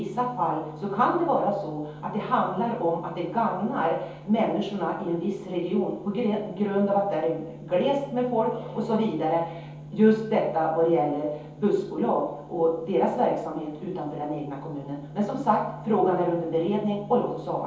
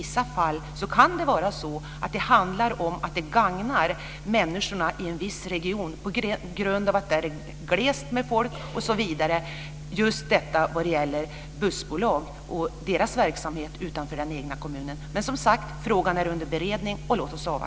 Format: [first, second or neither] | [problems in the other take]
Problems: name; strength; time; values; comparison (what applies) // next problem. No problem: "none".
second | room echo; dies away in 0.7 s